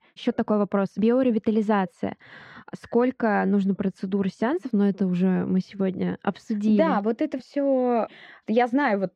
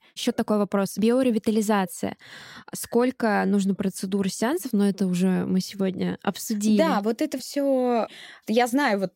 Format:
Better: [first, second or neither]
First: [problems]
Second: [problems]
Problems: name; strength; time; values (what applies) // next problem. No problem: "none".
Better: second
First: muffled; very; fading above 2.5 kHz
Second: none